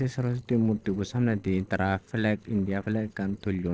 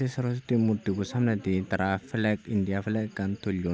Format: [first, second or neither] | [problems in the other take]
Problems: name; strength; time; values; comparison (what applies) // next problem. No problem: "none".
second | noise reduction (neural separator model SepFormer DNS4)